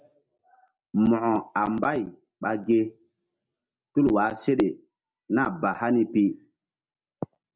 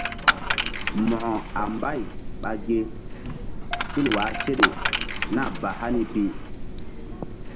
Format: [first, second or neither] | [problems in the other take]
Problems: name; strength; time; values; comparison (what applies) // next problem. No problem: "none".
first | background sound (Coin (dropping)); as loud as the speech